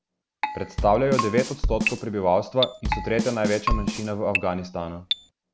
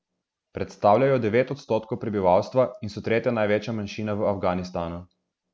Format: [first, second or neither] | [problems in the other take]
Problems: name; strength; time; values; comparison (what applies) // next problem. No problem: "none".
second | background sound (Bass drum / Snare drum / Drum kit + Keyboard (musical)); 2 dB below the speech